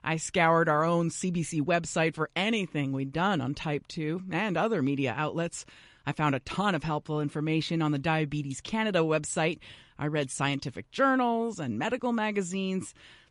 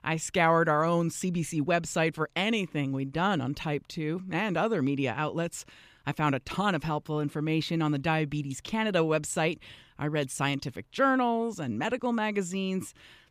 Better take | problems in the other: second | garbled, watery; slightly; nothing above 10.5 kHz

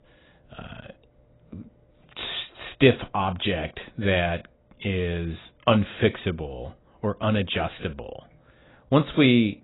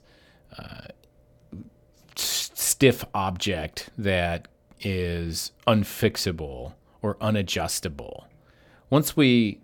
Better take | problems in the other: second | garbled, watery; badly; nothing above 4 kHz

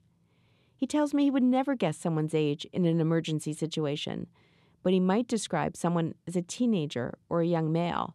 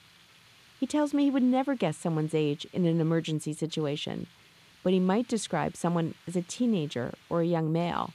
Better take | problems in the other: first | hiss; faint; throughout; 25 dB below the speech

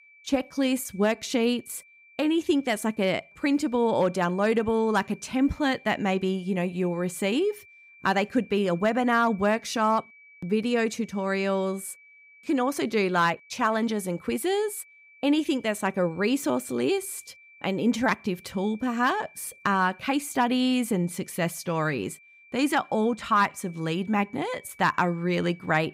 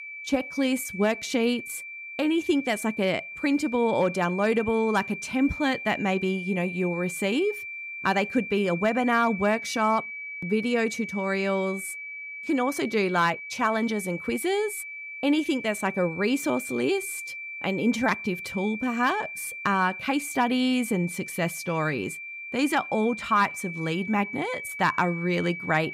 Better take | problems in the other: first | high-pitched whine; loud; throughout; 2.5 kHz, 9 dB below the speech; faint in the first

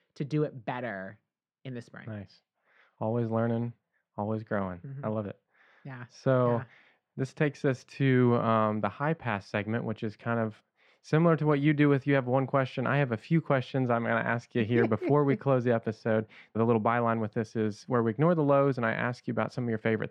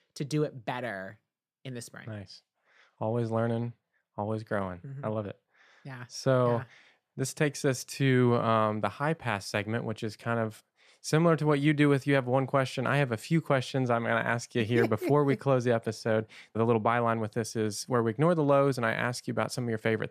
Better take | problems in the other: second | muffled; slightly; fading above 3 kHz

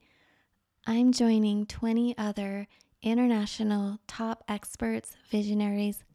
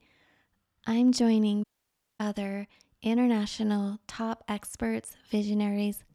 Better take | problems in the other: first | audio cutting out; at 1.5 s for 0.5 s

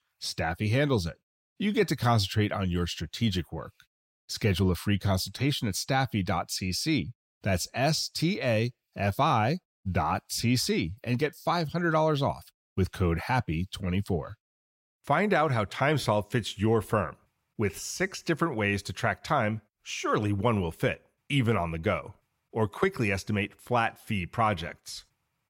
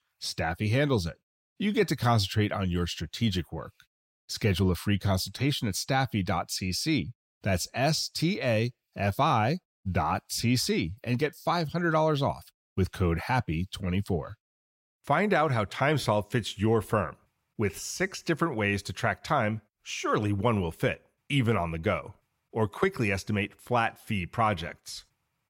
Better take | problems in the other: neither | none

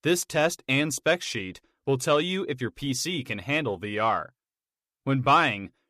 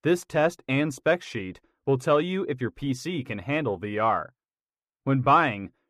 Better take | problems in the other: first | muffled; slightly; fading above 2.5 kHz

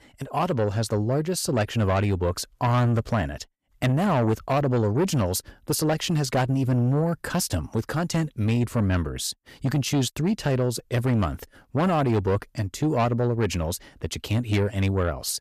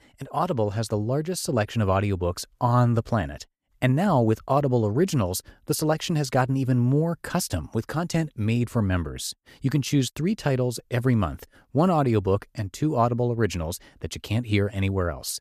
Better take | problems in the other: second | distortion; slight; 10 dB below the speech

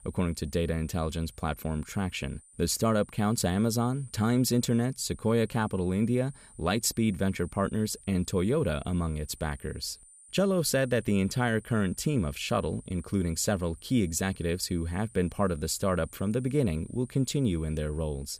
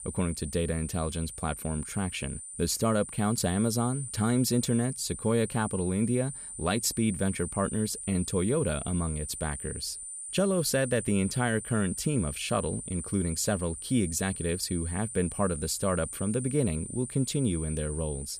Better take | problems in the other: first | high-pitched whine; loud; throughout; 9 kHz, 8 dB below the speech; faint in the first

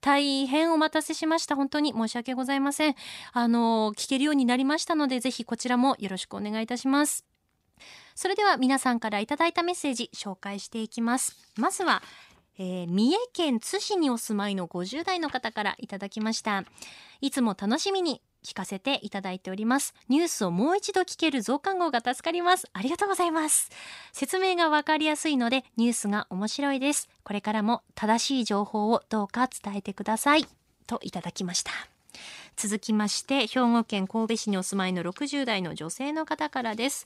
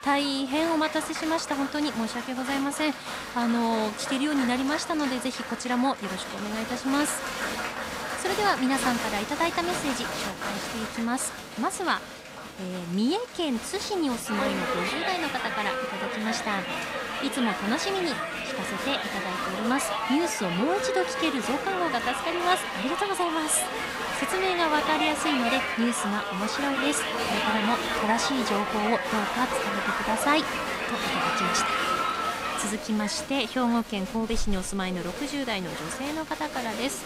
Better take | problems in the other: first | crowd noise; loud; throughout; 2 dB below the speech

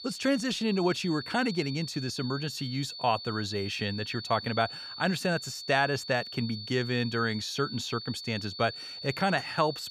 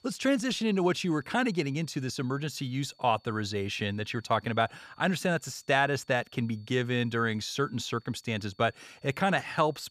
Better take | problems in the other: second | high-pitched whine; loud; throughout; 4.5 kHz, 9 dB below the speech; faint in the second

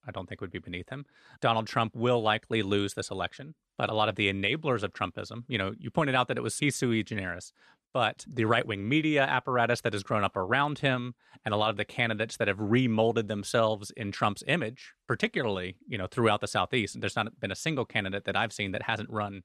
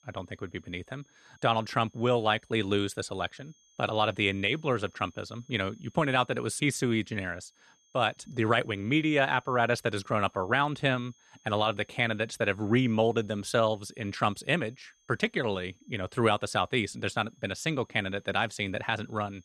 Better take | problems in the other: first | high-pitched whine; faint; throughout; 6.5 kHz, 35 dB below the speech

